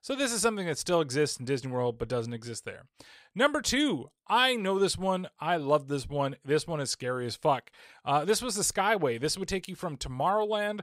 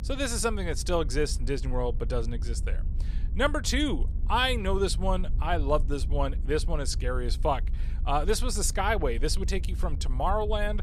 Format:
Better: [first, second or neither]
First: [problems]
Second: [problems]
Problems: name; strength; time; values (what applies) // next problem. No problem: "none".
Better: first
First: none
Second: low rumble; faint; throughout; 20 dB below the speech